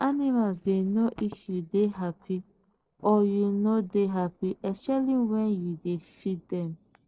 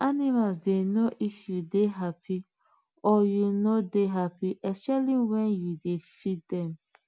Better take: second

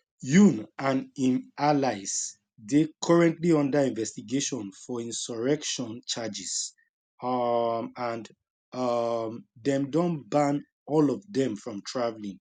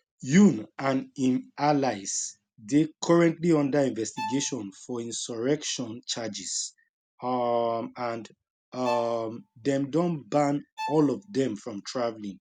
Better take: first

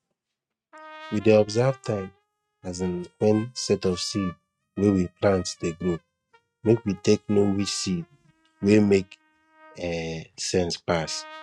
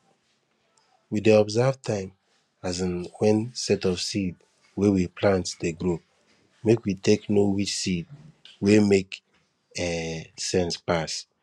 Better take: second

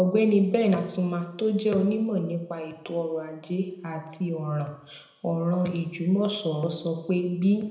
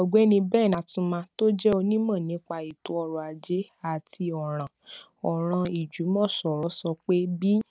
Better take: second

